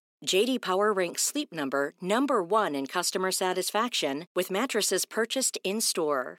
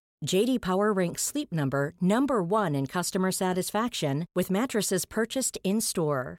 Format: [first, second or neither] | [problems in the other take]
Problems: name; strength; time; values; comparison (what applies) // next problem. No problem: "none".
second | thin; very slightly; fading below 250 Hz